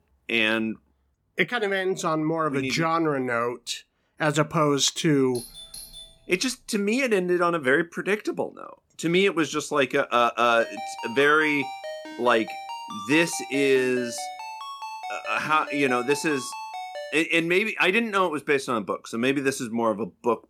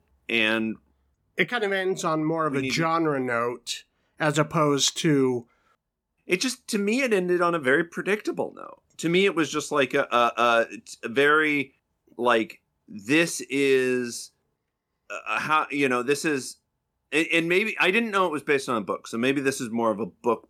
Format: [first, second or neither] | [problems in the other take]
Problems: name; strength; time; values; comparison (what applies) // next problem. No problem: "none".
second | doorbell; faint; from 5.5 to 6.5 s; peak 15 dB below the speech // phone ringing; faint; from 11 to 17 s; peak 10 dB below the speech